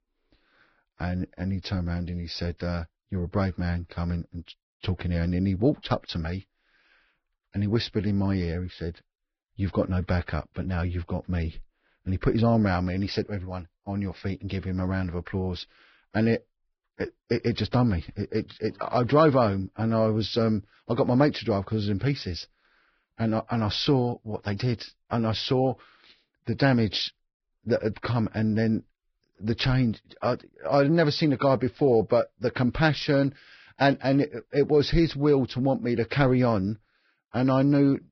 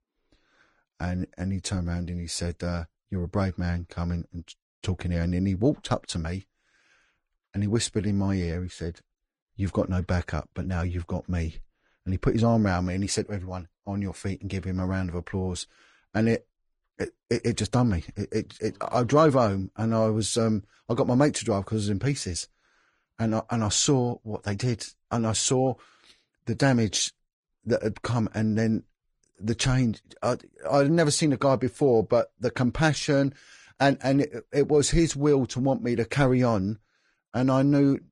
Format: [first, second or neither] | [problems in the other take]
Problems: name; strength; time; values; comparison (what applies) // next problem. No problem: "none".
second | garbled, watery; badly; nothing above 5.5 kHz; slightly in the second